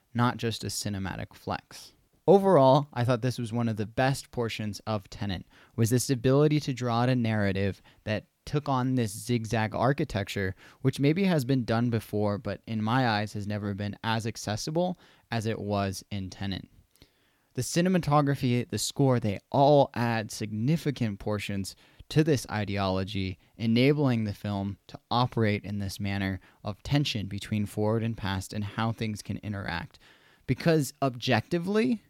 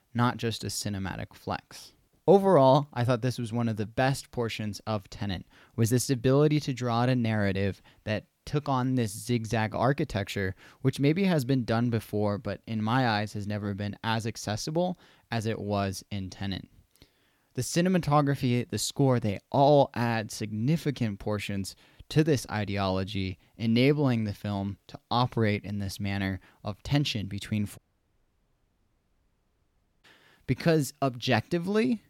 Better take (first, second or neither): first